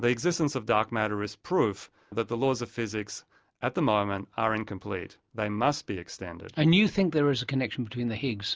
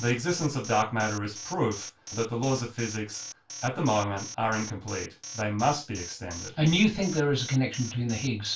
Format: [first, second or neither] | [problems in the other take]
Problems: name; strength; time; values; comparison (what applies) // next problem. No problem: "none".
first | background sound (Alarm); 14 dB below the speech // room echo; dies away in 0.3 s